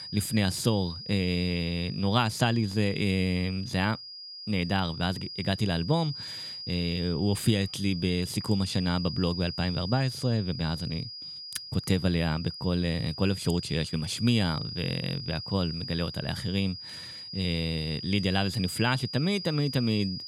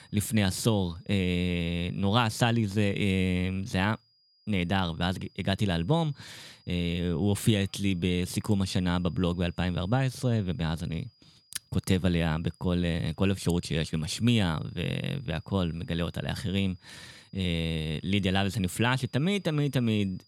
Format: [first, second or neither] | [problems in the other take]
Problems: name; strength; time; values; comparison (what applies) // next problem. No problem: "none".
second | high-pitched whine; loud; throughout; 5 kHz, 9 dB below the speech; faint in the second